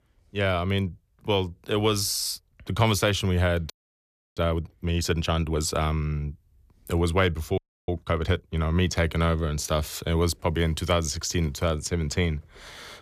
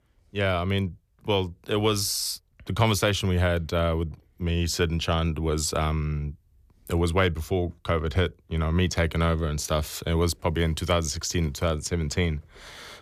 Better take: second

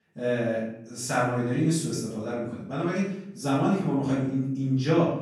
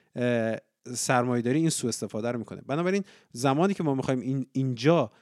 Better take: second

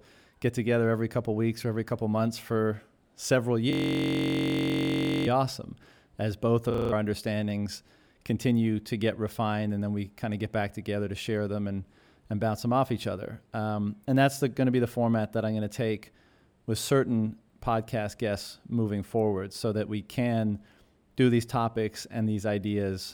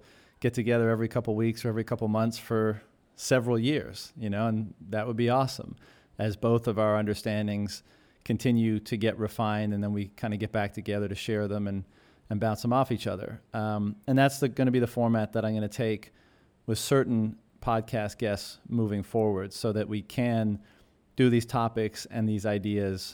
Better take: second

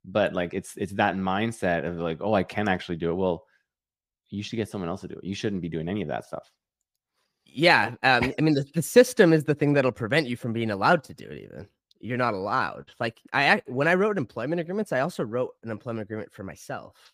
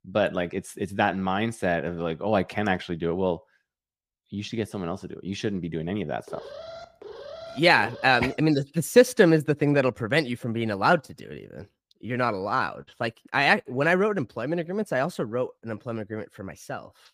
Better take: first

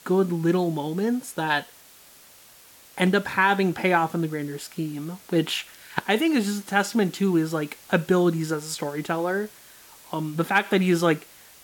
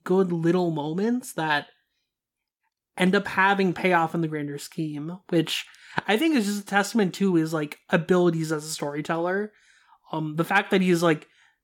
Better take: second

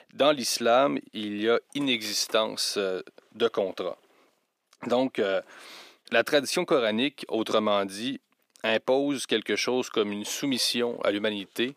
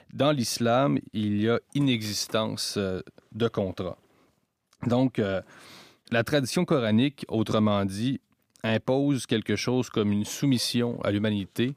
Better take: second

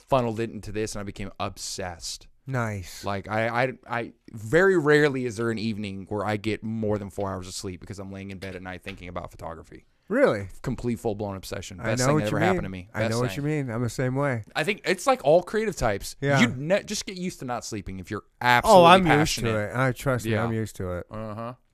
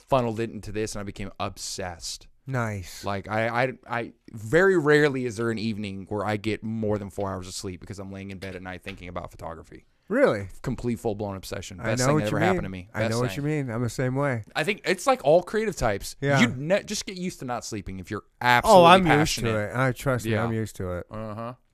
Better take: neither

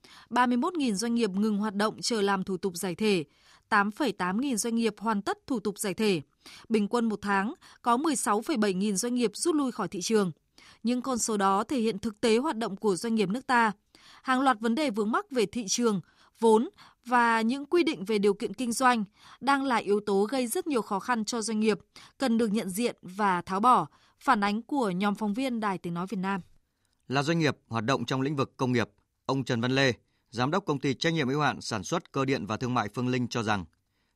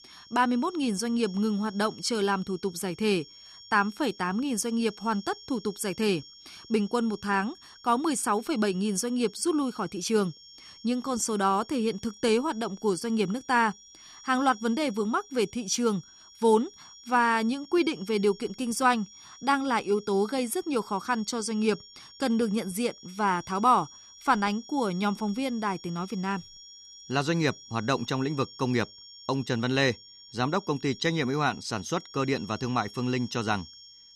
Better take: first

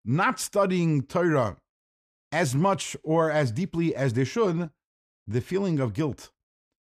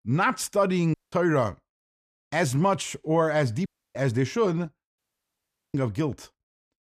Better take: first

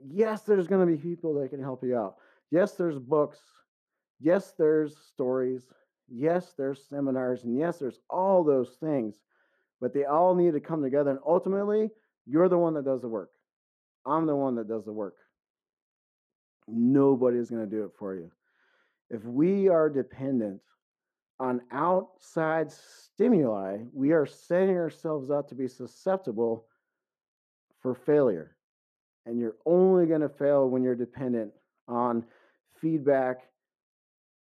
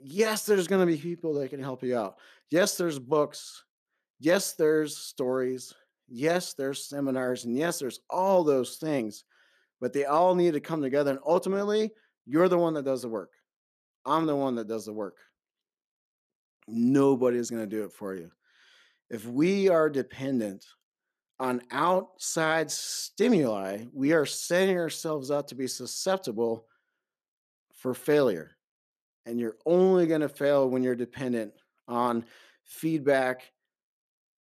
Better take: second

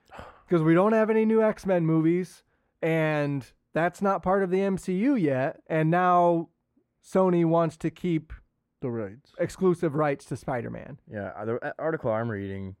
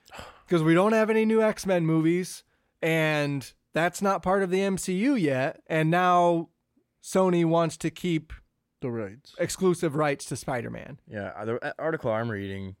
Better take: second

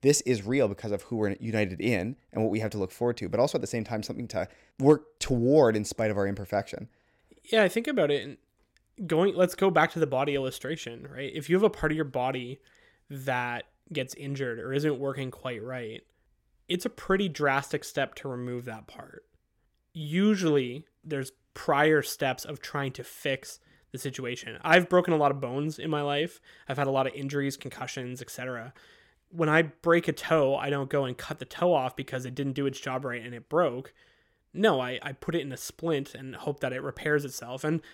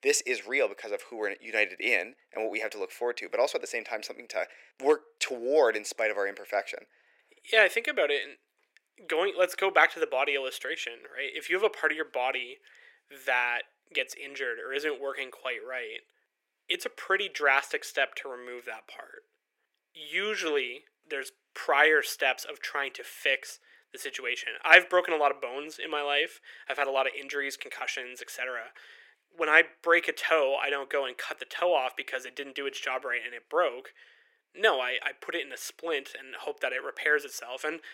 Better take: first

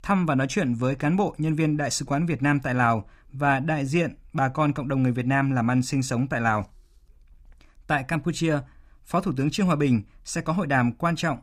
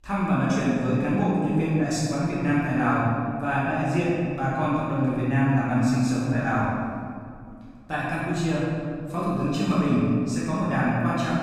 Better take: first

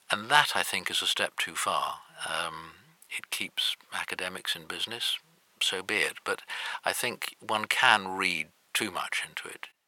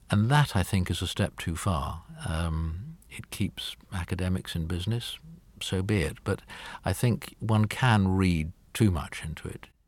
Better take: second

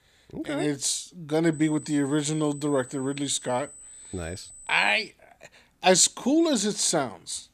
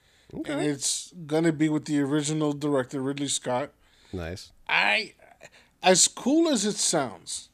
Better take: second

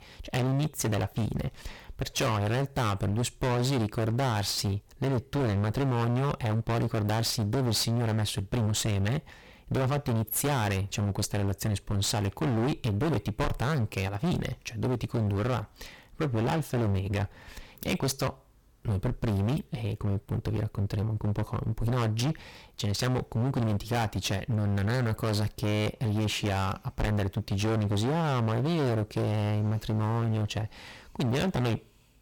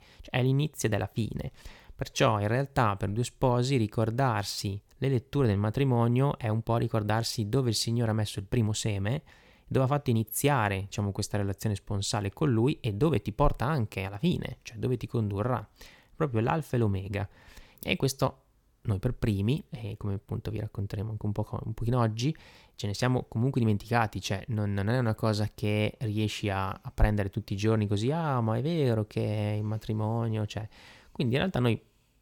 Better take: second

